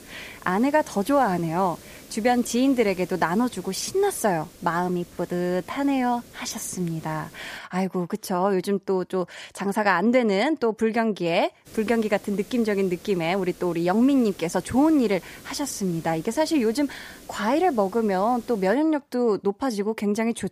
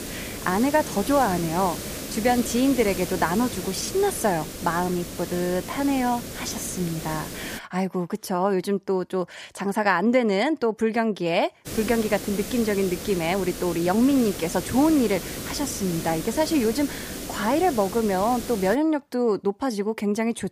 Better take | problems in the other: first | hiss; loud; until 7.5 s and from 12 to 19 s; 9 dB below the speech; faint in the first

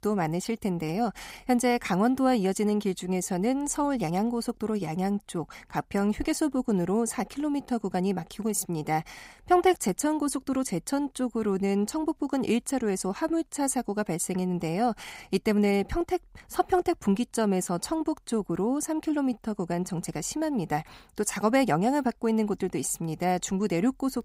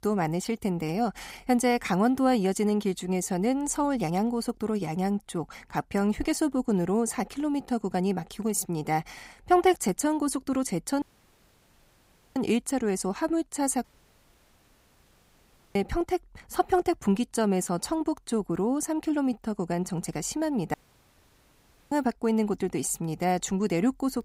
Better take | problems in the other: first | audio cutting out; at 11 s for 1.5 s, at 14 s for 2 s and at 21 s for 1 s

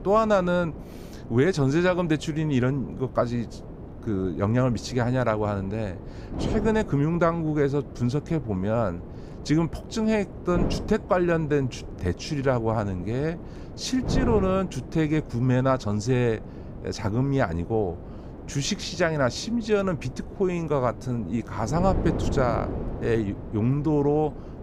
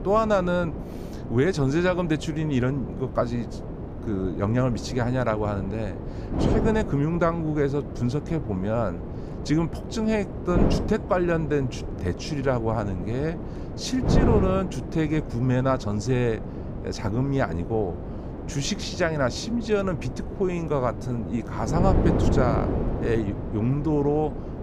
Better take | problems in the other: first | wind noise on the microphone; heavy; 8 dB below the speech; occasional gusts in the first

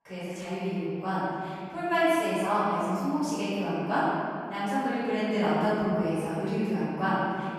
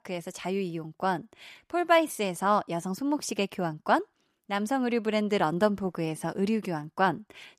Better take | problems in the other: second | room echo; strong; dies away in 2.6 s // off-mic speech; far

